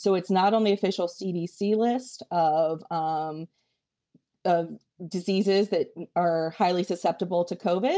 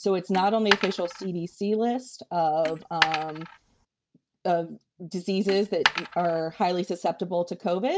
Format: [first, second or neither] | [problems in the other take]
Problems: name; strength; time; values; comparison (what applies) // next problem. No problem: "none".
first | background sound (Coin (dropping)); 4 dB below the speech